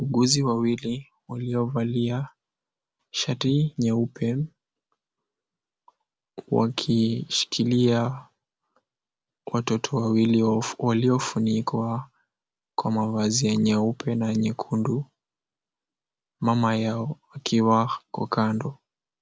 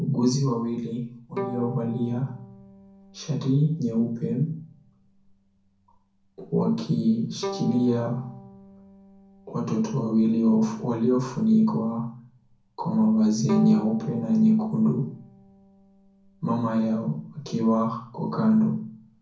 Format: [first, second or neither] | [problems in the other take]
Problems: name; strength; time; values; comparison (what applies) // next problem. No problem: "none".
first | background sound (Bowed string instrument); 17 dB below the speech // room echo; dies away in 0.6 s